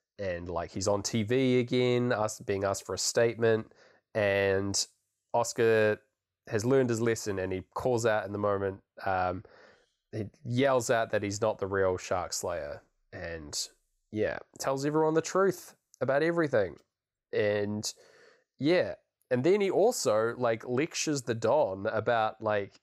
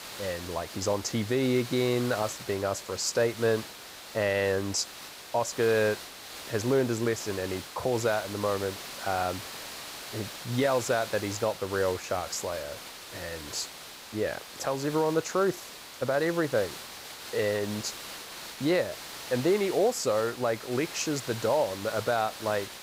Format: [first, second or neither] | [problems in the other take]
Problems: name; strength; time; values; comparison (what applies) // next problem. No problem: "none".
first | hiss; noticeable; throughout; 10 dB below the speech